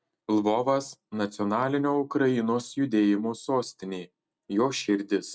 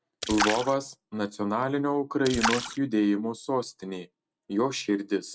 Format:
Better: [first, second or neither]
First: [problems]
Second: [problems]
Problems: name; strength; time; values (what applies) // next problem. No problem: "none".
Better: first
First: none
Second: background sound (Splash, splatter); 7 dB below the speech